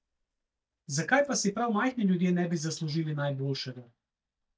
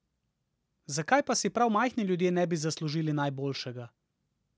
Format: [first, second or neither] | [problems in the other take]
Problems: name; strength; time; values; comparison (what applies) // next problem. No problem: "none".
second | noise reduction (neural mask model DeepFilterNet 3)